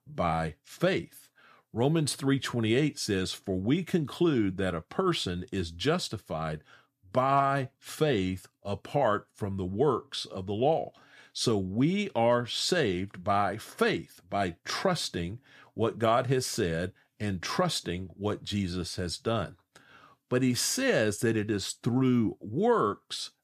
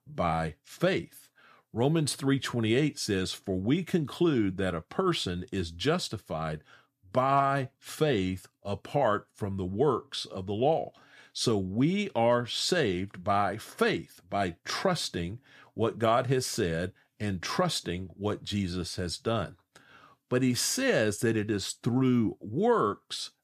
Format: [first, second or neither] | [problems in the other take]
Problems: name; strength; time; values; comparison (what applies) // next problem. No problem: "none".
neither | none